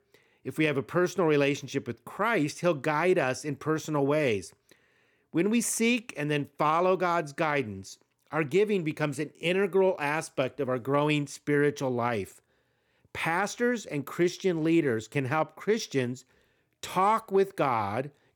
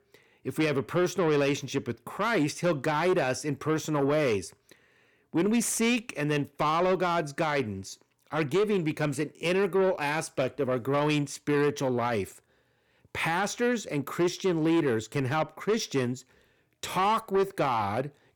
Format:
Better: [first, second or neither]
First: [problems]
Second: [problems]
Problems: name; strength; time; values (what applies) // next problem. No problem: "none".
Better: first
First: none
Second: distortion; slight; 10 dB below the speech